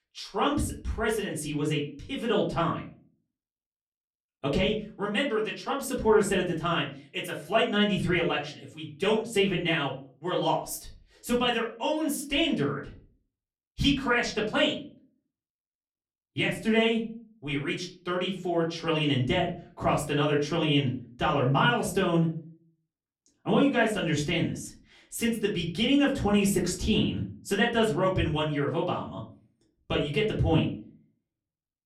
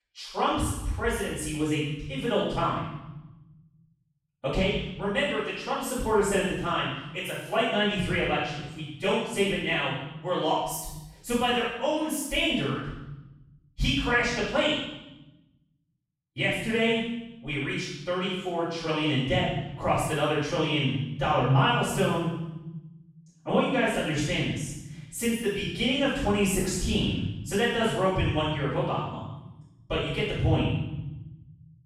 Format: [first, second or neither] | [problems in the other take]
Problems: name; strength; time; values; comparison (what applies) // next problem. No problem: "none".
first | room echo; strong; dies away in 1 s; slight in the first // off-mic speech; far; far in the first